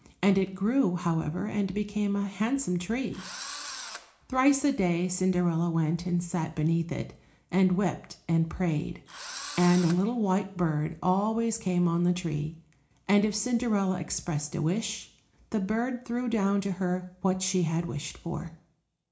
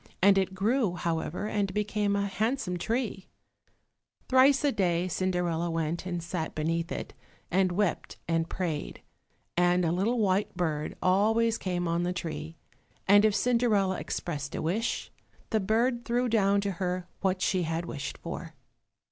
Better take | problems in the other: second | background sound (Engine / Drill); 13 dB below the speech // room echo; dies away in 0.4 s

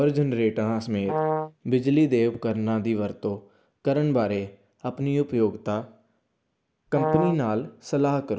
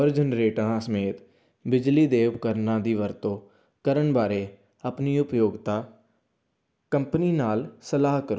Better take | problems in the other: second | background sound (Brass instrument); 2 dB below the speech

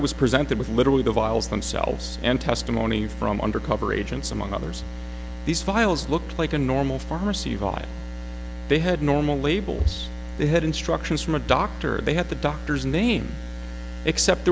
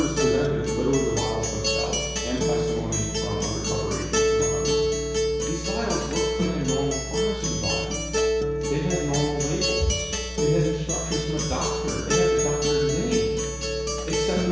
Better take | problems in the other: first | background sound (Acoustic guitar); 2 dB above the speech // room echo; dies away in 1.1 s

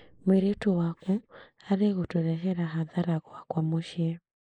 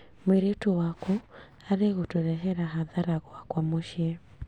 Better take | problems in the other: second | noise reduction (neural mask model Resemble Enhance denoiser)

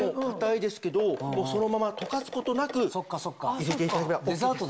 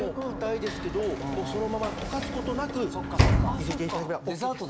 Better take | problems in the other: first | background sound (Sliding door / Slam); 1 dB above the speech

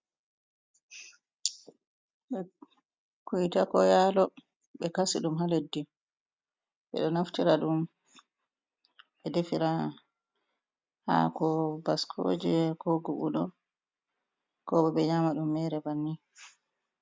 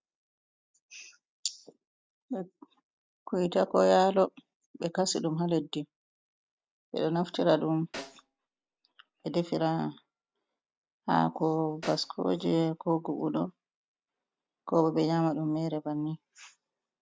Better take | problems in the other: first | noise reduction (neural separator model SepFormer DNS4)

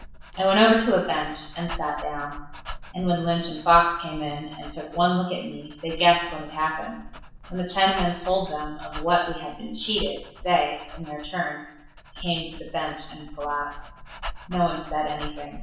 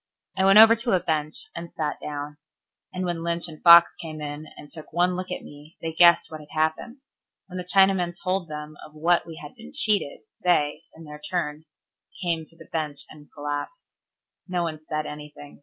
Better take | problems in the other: second | background sound (Dog); 13 dB below the speech // room echo; dies away in 0.7 s

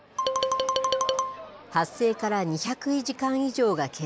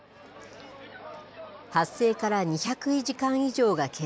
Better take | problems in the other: second | background sound (Marimba, xylophone); 1 dB above the speech

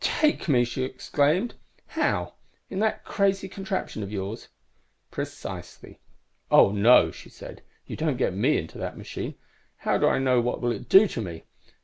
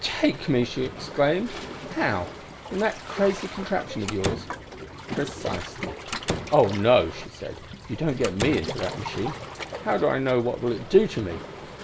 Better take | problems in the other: first | background sound (Waves, surf + Slam); 9 dB below the speech

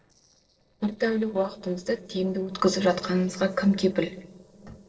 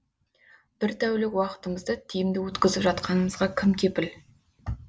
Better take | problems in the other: second | noise reduction (neural separator model SepFormer DNS4)

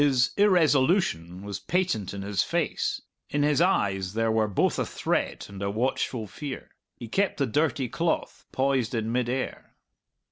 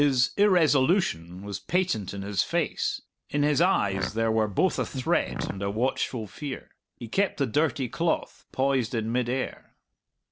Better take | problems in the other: first | background sound (Fart); 9 dB below the speech

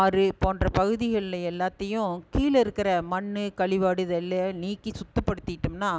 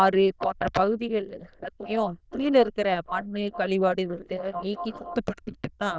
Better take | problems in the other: first | noise reduction (neural diffusion model UNIVERSE++)

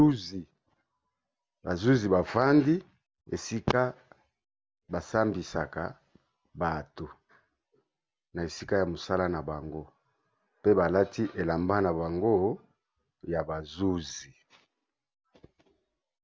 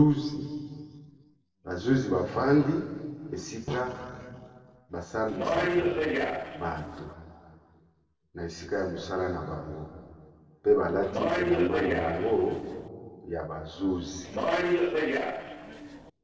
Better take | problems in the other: first | noise reduction (neural separator model SepFormer DNS4)

